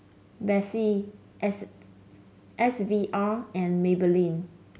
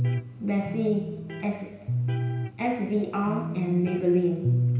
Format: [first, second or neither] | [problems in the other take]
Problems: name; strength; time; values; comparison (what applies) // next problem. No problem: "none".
first | background sound (Electric guitar); 2 dB below the speech // room echo; dies away in 1.1 s